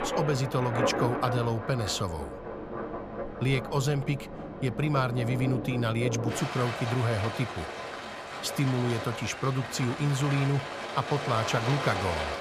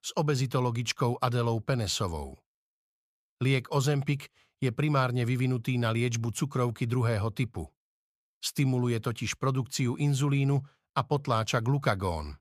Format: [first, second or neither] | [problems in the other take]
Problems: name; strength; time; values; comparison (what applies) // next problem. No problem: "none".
second | rain or running water; loud; throughout; 5 dB below the speech